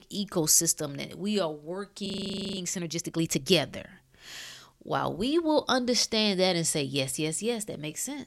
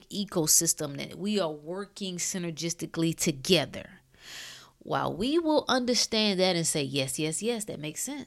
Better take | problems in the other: second | audio freezing; at 2 s for 0.5 s

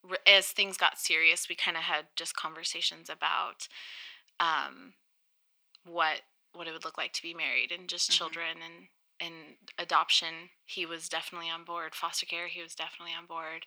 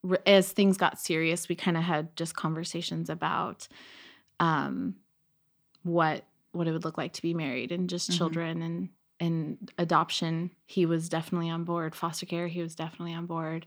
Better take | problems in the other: second | thin; very; fading below 800 Hz

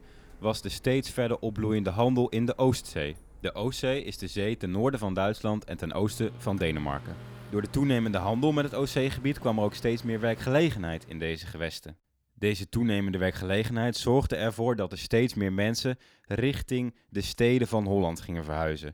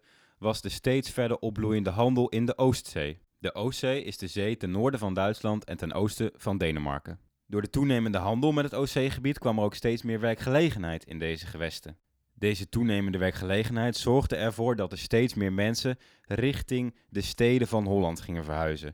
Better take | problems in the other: second | household noises; faint; until 11 s; 20 dB below the speech

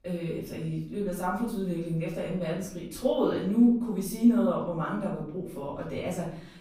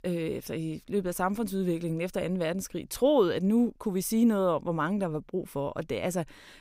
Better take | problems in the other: second | off-mic speech; far // room echo; noticeable; dies away in 0.6 s

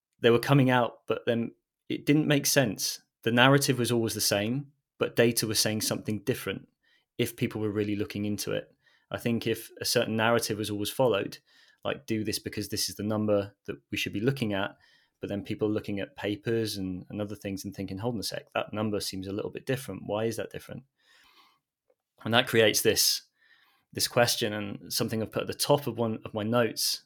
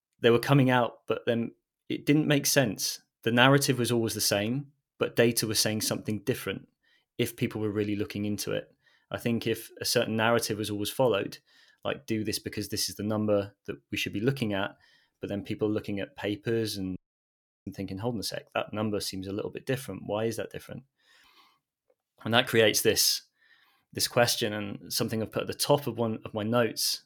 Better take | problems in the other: first | audio cutting out; at 17 s for 0.5 s

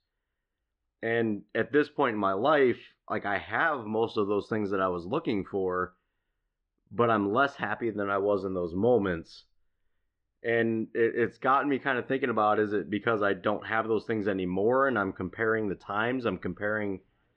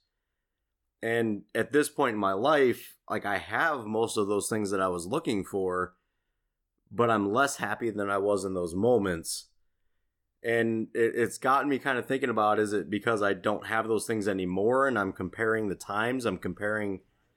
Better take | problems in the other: second | muffled; slightly; fading above 3.5 kHz

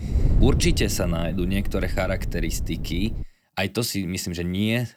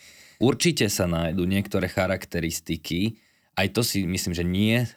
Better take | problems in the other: second | wind noise on the microphone; occasional gusts; until 3 s; 15 dB below the speech

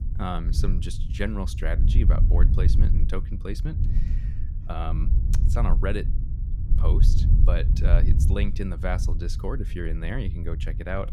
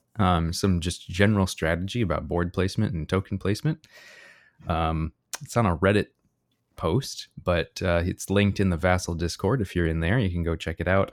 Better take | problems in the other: second | low rumble; loud; throughout; 7 dB below the speech

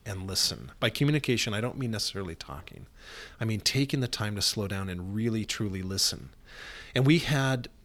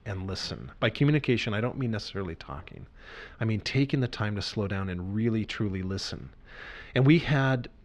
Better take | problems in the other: first | muffled; slightly; fading above 2.5 kHz

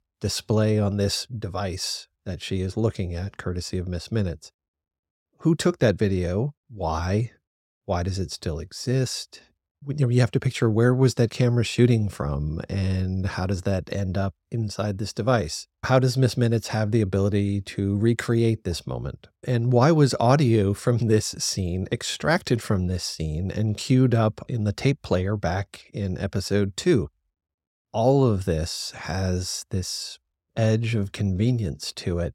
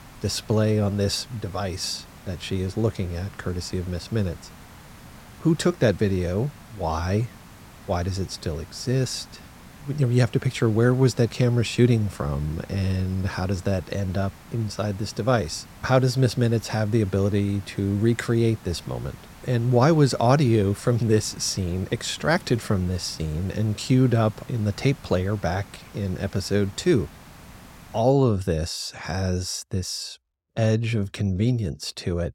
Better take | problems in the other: first | hiss; faint; until 28 s; 20 dB below the speech

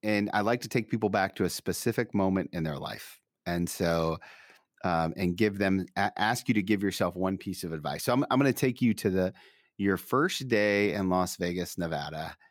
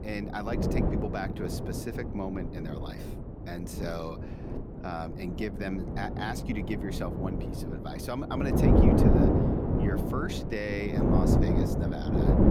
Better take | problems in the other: first | wind noise on the microphone; heavy; 3 dB above the speech

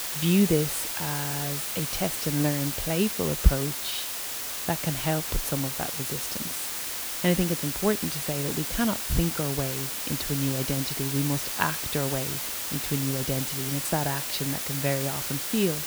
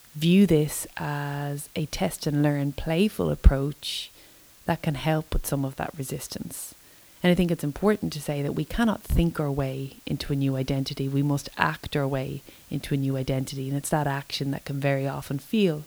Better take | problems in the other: second | hiss; loud; throughout; as loud as the speech; faint in the second

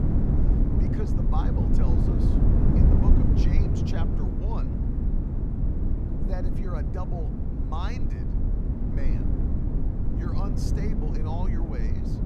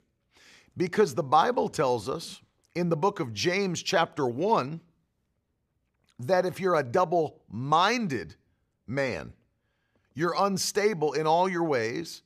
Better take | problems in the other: second | wind noise on the microphone; heavy; 3 dB above the speech

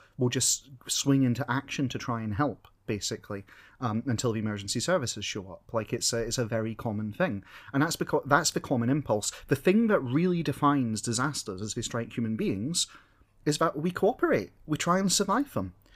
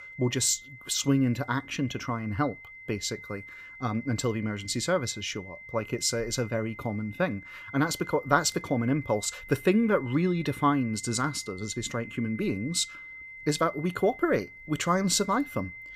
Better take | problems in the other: first | high-pitched whine; noticeable; throughout; 2 kHz, 15 dB below the speech

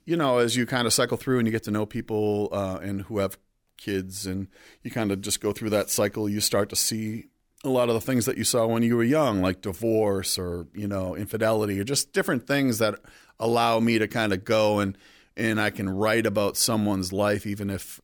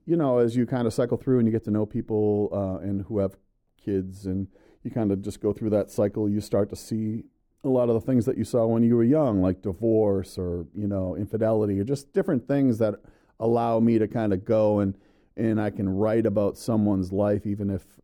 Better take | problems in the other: first | muffled; very; fading above 1 kHz

